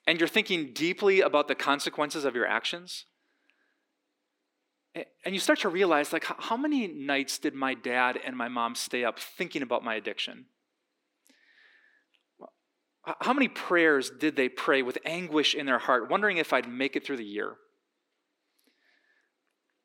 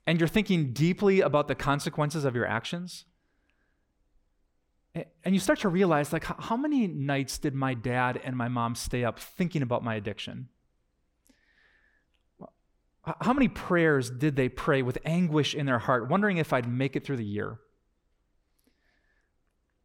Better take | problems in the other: second | thin; somewhat; fading below 300 Hz

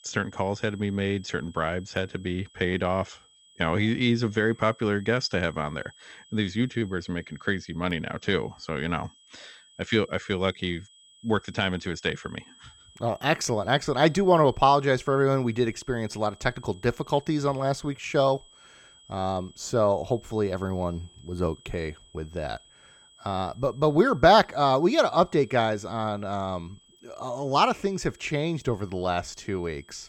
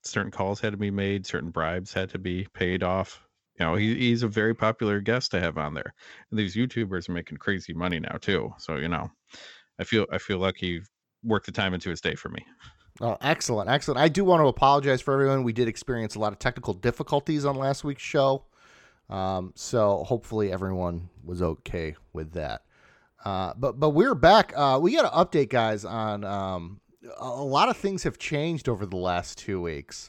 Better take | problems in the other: second | high-pitched whine; faint; throughout; 3.5 kHz, 30 dB below the speech

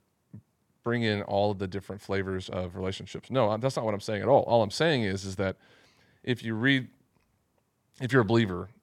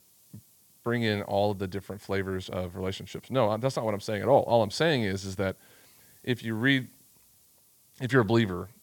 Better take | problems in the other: first | hiss; faint; throughout; 30 dB below the speech

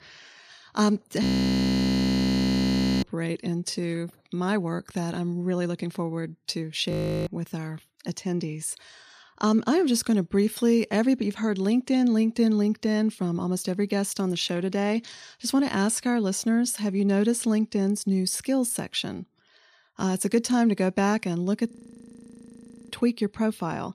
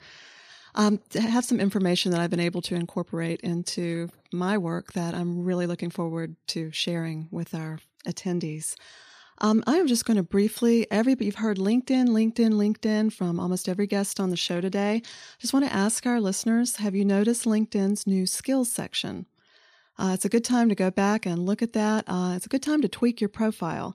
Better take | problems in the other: second | audio freezing; at 1 s for 2 s, at 7 s and at 22 s for 1 s

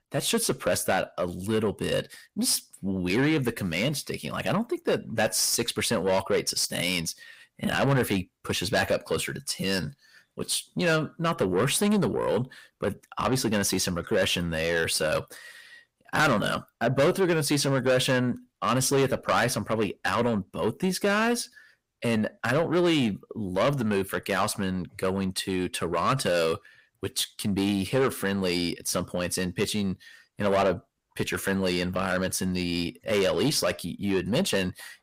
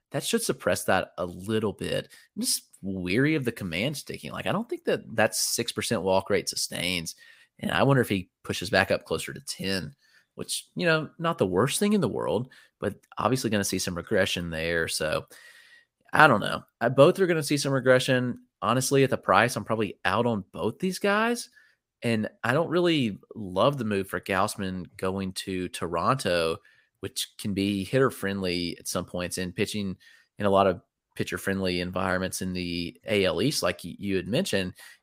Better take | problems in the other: second | distortion; heavy; 7 dB below the speech

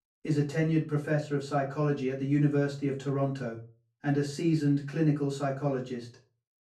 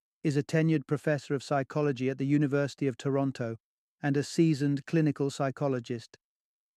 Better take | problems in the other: second | off-mic speech; far // room echo; slight; dies away in 0.3 s

